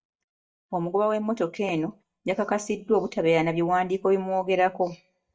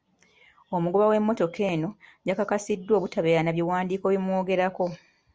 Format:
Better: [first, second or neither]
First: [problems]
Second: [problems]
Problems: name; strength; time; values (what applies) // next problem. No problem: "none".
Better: second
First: noise reduction (neural mask model DeepFilterNet 3)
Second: none